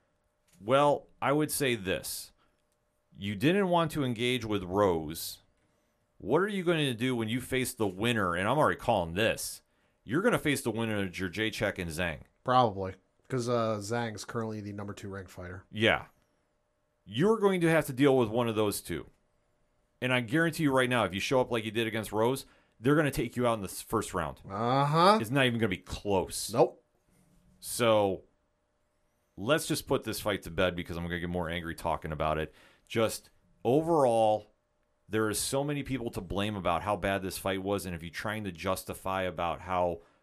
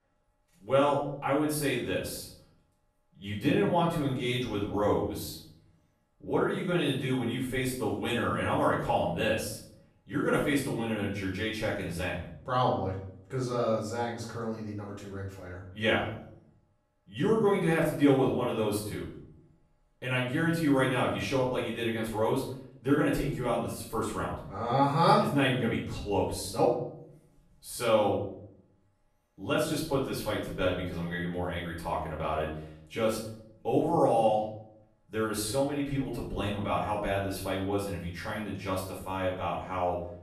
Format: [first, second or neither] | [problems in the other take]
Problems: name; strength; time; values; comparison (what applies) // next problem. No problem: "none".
first | off-mic speech; far // room echo; noticeable; dies away in 0.6 s